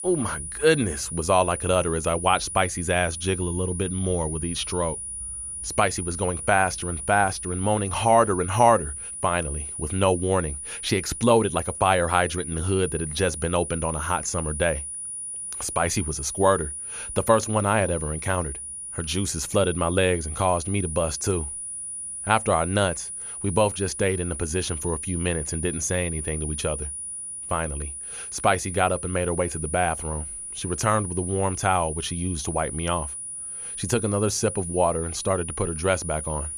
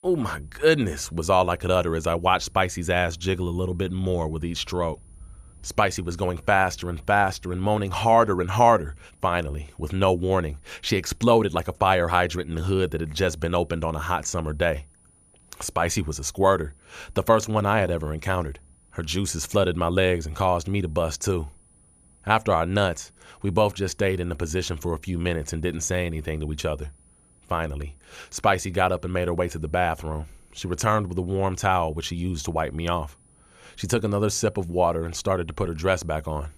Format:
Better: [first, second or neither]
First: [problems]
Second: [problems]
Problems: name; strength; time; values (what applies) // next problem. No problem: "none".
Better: second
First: high-pitched whine; loud; throughout; 9.5 kHz, 7 dB below the speech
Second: high-pitched whine; faint; throughout; 9.5 kHz, 35 dB below the speech